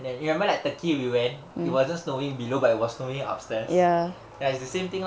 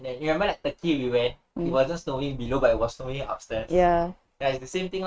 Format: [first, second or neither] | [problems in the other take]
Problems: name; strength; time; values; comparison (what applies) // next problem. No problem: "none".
first | noise reduction (neural mask model RNNoise)